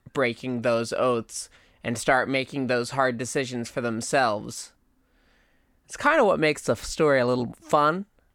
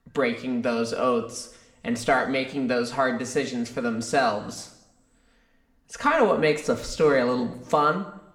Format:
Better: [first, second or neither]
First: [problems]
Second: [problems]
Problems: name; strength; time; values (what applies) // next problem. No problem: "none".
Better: first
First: none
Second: room echo; very slight; dies away in 0.7 s